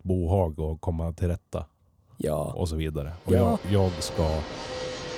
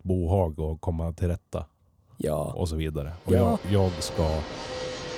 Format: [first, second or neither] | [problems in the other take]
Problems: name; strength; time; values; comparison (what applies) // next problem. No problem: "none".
neither | train or aircraft noise; loud; from 3.5 s on; 9 dB below the speech; the same in both